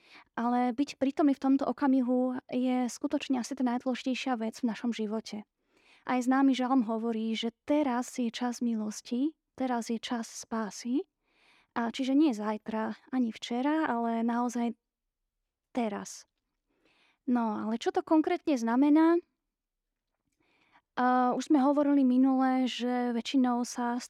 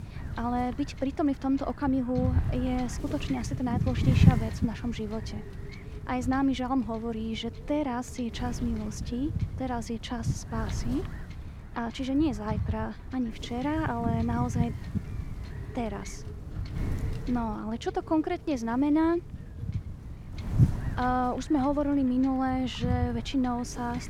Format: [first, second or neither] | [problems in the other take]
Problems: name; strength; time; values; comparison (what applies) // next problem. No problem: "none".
first | wind noise on the microphone; occasional gusts; 10 dB below the speech